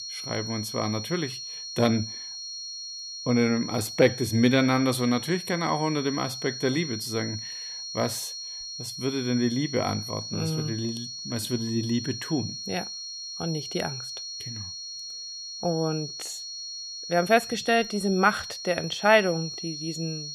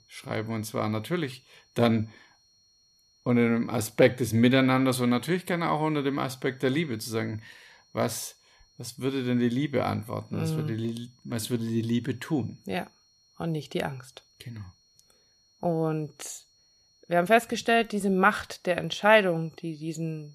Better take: second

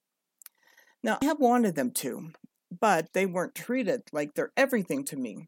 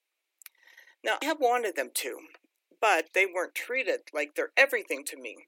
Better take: first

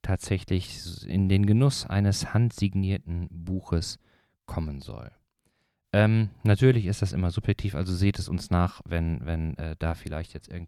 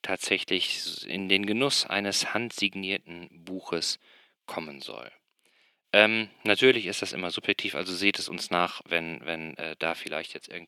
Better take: first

